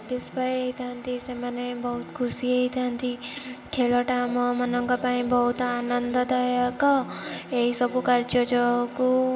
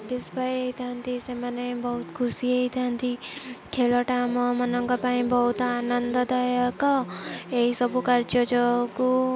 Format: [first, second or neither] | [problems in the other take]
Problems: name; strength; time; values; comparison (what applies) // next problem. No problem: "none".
second | room echo; dies away in 1.3 s